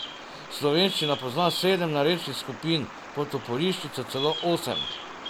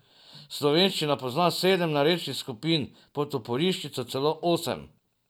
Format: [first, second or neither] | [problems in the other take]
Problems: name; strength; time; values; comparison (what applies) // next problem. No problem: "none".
second | background sound (Bird vocalization, bird call, bird song); 10 dB below the speech